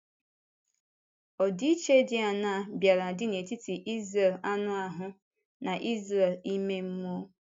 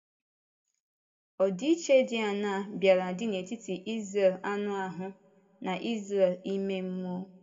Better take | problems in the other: first | room echo; dies away in 2 s

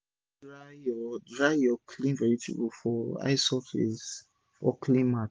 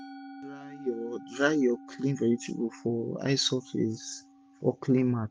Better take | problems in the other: first | background sound (Musical instrument); 19 dB below the speech

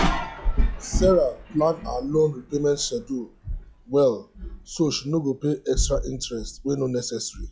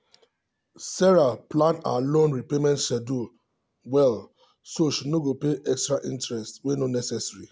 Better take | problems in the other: second | noise reduction (classical method log-MMSE)

